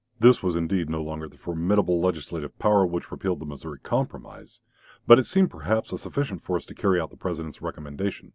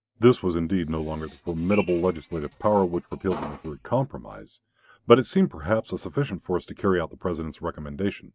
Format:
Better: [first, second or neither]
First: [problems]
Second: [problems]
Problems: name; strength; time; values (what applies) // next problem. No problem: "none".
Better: first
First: none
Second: noise reduction (neural mask model RNNoise)